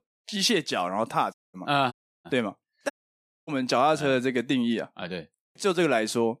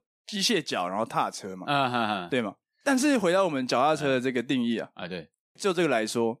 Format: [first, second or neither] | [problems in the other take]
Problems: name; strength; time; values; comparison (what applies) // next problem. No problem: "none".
second | audio cutting out; at 1.5 s, at 2 s and at 3 s for 0.5 s